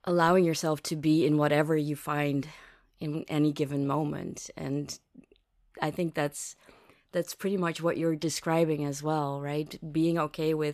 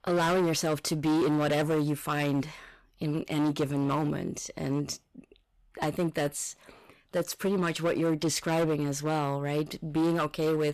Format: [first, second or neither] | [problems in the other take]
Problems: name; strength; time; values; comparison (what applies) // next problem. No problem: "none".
first | distortion; heavy; 13% of the sound clipped